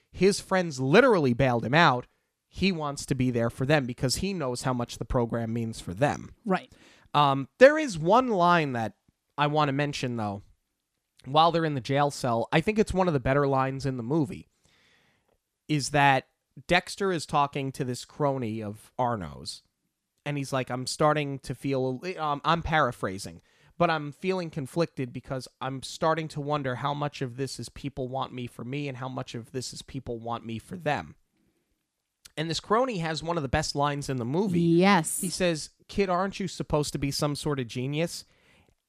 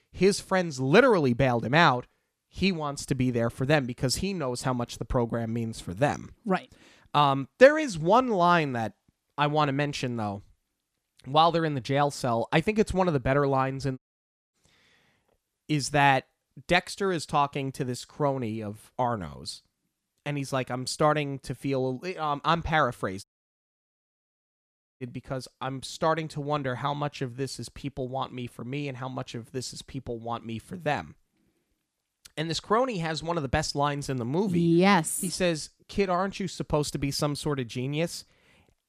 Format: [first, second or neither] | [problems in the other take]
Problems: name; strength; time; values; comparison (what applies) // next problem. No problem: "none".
first | audio cutting out; at 14 s for 0.5 s and at 23 s for 2 s